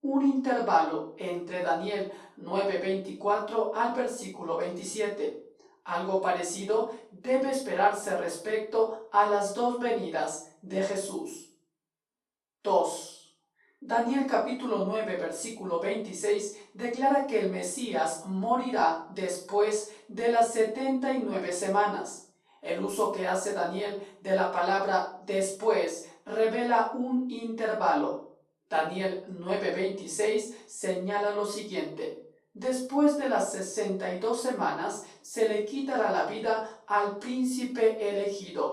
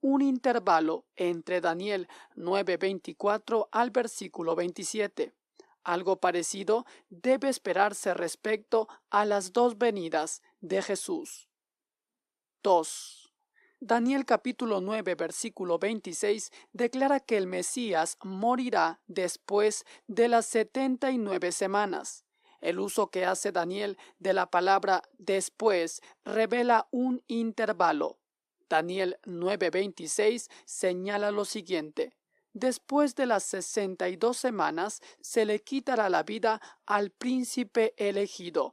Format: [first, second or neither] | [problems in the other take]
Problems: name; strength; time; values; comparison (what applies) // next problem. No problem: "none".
second | off-mic speech; far // room echo; noticeable; dies away in 0.4 s